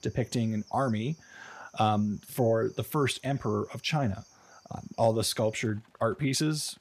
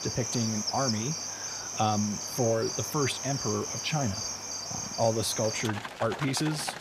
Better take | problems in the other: first | animal sounds; loud; throughout; 3 dB below the speech; faint in the first

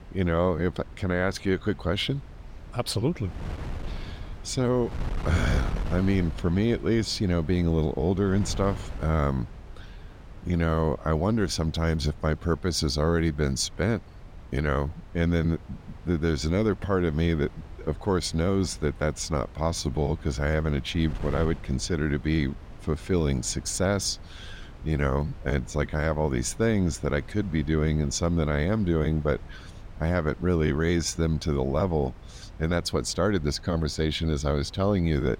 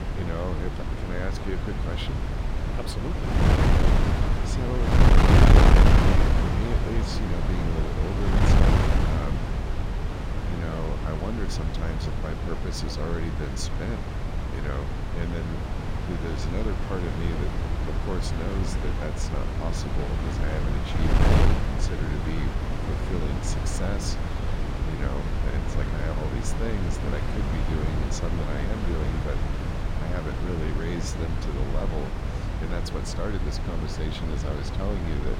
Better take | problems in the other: first | wind noise on the microphone; heavy; 4 dB above the speech; occasional gusts in the first

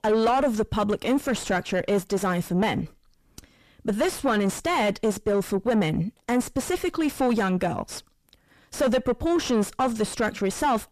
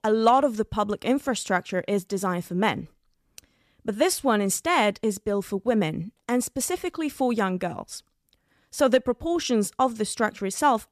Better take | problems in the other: second | distortion; heavy; 5 dB below the speech

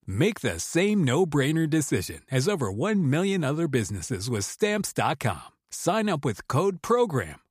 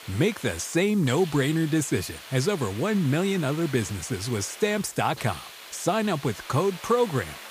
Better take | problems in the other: first | hiss; noticeable; throughout; 15 dB below the speech

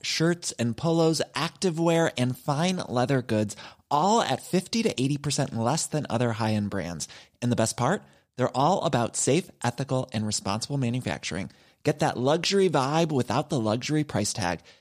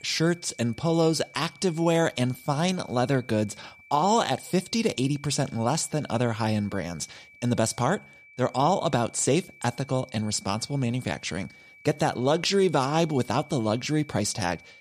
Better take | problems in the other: first | high-pitched whine; faint; throughout; 2.5 kHz, 25 dB below the speech

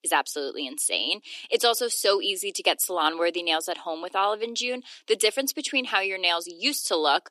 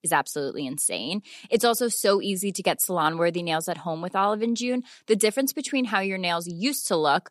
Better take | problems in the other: second | thin; somewhat; fading below 300 Hz

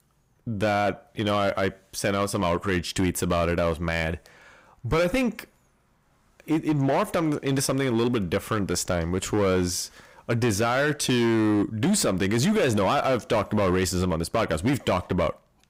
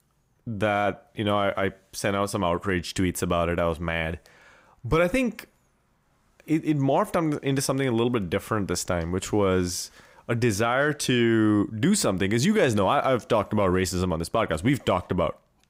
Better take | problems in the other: second | distortion; slight; 11% of the sound clipped

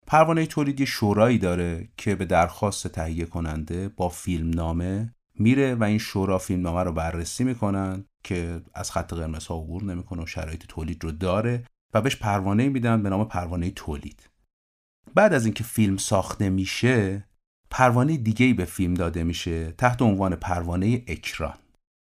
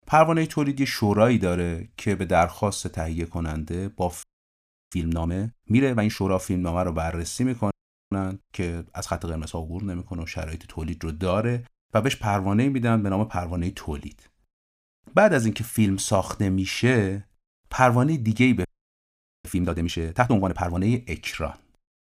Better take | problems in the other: first | audio freezing; at 4 s for 0.5 s, at 7.5 s and at 19 s for 1 s

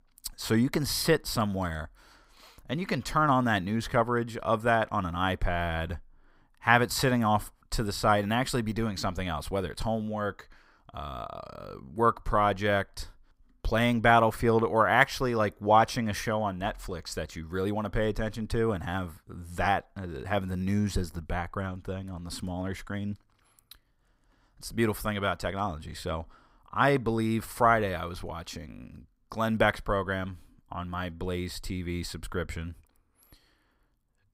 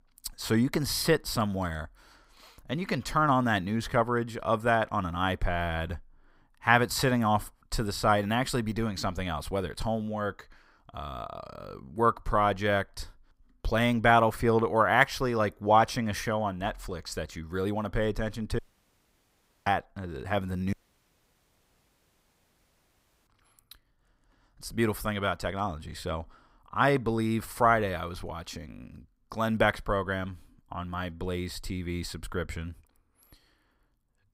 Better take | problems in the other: first | audio cutting out; at 19 s for 1 s and at 21 s for 2.5 s

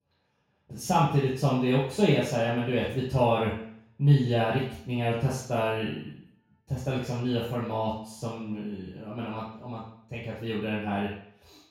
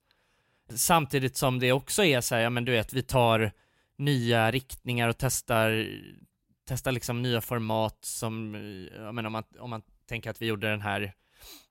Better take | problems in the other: second | room echo; noticeable; dies away in 0.6 s // off-mic speech; far

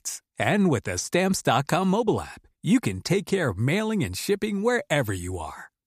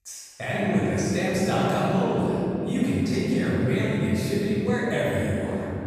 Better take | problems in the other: first | off-mic speech; far // room echo; strong; dies away in 3 s

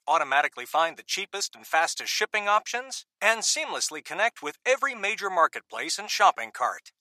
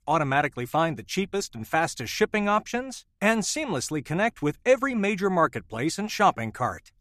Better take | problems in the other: second | thin; very; fading below 800 Hz

